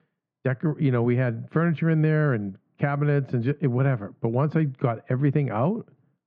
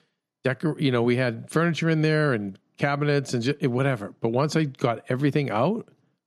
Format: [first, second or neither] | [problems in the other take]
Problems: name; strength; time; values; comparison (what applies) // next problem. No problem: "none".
second | muffled; very; fading above 2 kHz